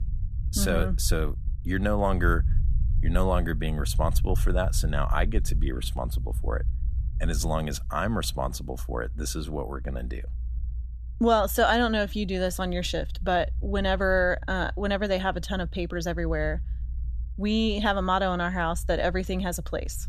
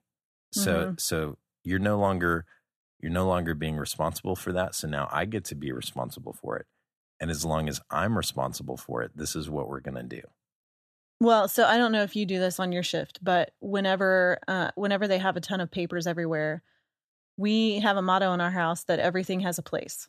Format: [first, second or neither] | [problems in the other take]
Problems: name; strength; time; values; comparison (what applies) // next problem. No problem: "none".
second | low rumble; faint; throughout; 25 dB below the speech